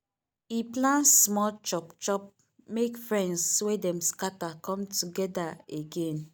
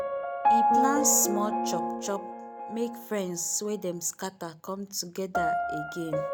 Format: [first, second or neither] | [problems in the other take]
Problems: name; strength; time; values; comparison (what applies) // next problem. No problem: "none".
first | background sound (Piano); 2 dB above the speech